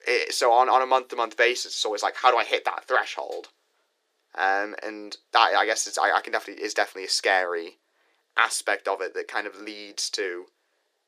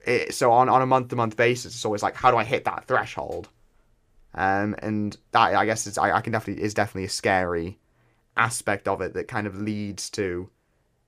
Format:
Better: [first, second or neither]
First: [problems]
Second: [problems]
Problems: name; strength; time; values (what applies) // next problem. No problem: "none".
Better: second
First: thin; very; fading below 350 Hz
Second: none